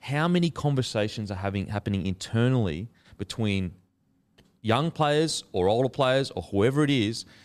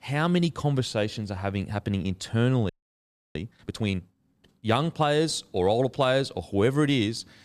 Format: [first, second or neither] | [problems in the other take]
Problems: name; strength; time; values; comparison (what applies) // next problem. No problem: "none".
first | audio freezing; at 2.5 s for 0.5 s